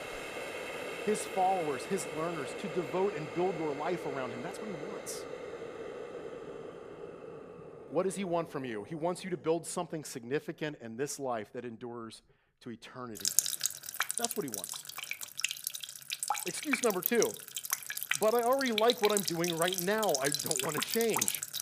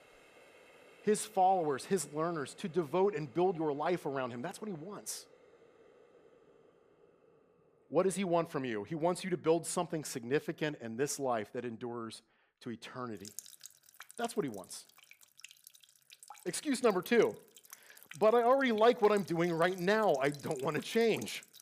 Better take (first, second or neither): second